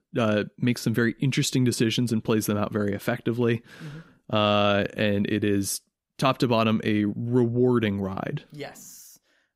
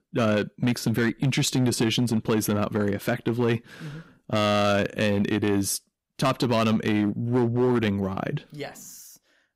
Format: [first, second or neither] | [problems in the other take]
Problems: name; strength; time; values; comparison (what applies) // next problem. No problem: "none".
first | distortion; slight; 7% of the sound clipped